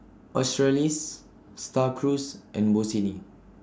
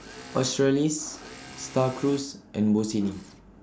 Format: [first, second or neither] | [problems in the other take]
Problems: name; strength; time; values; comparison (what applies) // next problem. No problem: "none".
first | background sound (Engine / Mechanisms); 19 dB below the speech